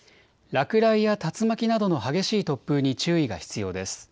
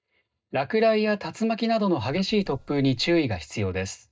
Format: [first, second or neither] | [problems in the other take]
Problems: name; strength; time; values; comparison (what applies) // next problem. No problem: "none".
first | noise reduction (neural mask model DeepFilterNet 3)